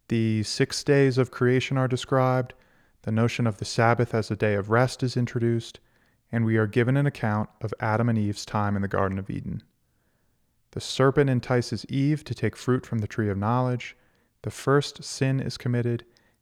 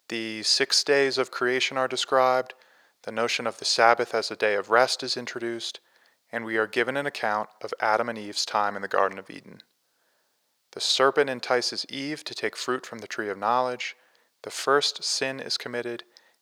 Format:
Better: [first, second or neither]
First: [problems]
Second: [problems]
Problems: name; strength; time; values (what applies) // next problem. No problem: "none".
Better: first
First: none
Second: thin; very; fading below 600 Hz